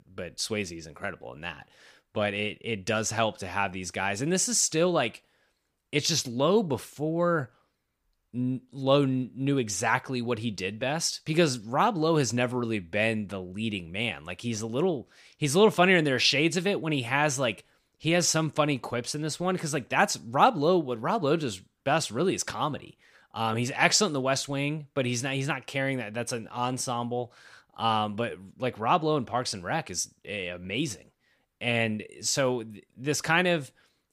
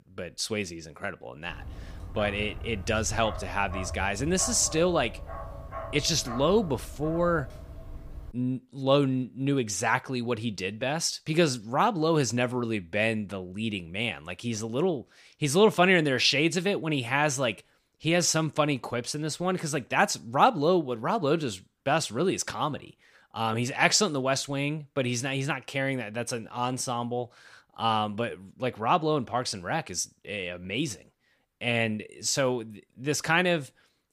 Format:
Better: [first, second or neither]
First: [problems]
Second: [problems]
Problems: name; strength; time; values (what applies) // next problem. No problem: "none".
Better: first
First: none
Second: dog barking; noticeable; from 1.5 to 8.5 s; peak 9 dB below the speech